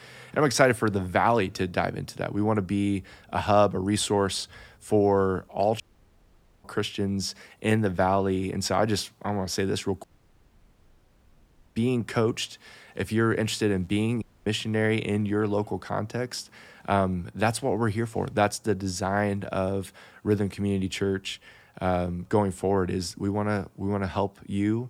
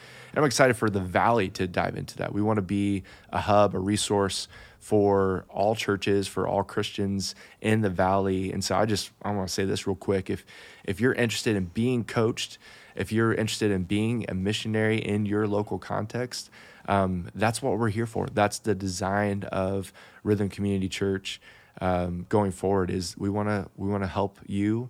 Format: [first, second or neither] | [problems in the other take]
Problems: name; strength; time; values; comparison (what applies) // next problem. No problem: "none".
second | audio cutting out; at 6 s for 1 s, at 10 s for 1.5 s and at 14 s